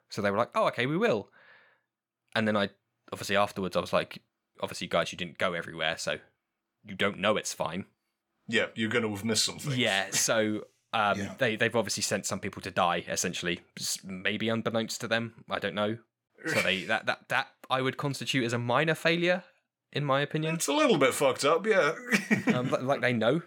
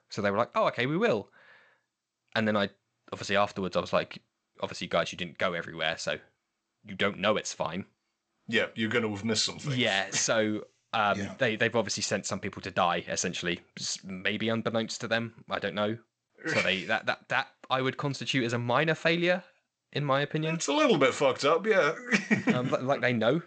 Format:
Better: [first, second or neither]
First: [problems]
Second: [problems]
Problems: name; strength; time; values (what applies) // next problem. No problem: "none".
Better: first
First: none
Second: garbled, watery; slightly; nothing above 7.5 kHz